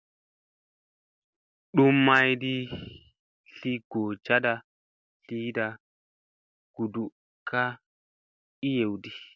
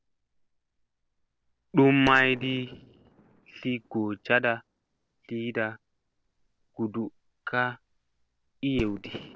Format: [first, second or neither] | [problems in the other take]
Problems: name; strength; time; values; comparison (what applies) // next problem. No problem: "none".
first | noise reduction (neural separator model SepFormer DNS4)